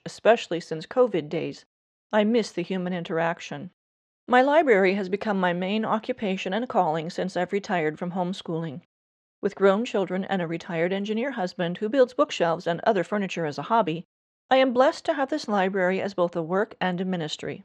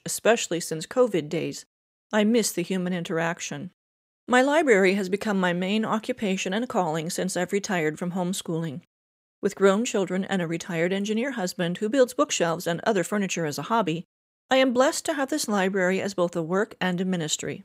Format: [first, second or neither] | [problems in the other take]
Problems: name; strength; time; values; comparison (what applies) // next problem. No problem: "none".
second | muffled; slightly; fading above 4.5 kHz